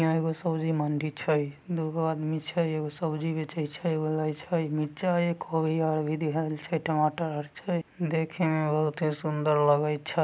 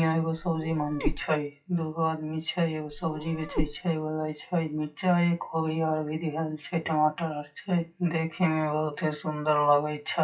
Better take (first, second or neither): first